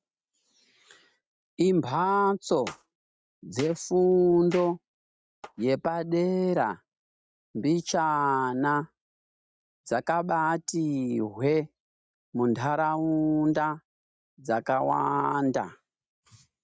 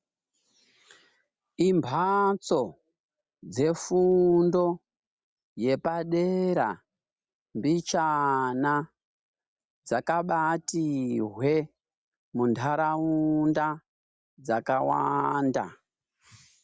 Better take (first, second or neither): second